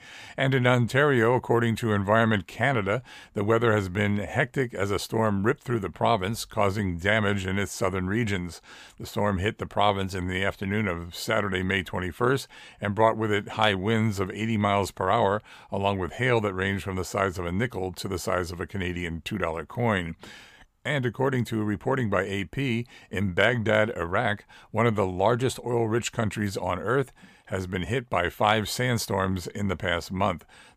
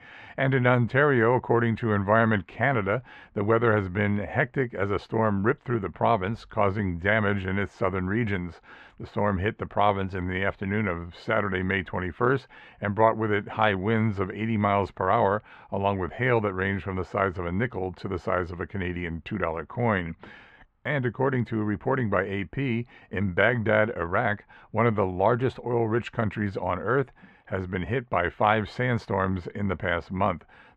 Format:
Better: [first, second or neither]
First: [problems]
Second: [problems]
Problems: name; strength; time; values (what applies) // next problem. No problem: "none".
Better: first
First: none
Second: muffled; very; fading above 2 kHz